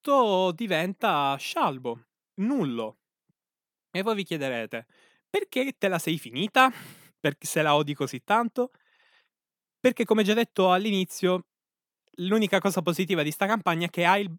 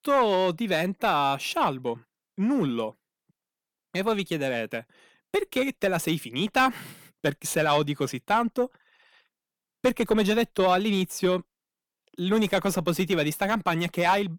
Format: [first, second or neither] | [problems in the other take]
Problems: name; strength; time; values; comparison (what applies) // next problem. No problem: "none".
first | distortion; slight; 10 dB below the speech